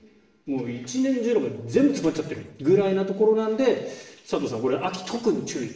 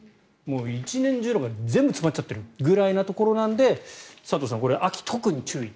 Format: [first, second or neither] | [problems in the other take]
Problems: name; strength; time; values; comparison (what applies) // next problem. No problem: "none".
second | room echo; dies away in 0.8 s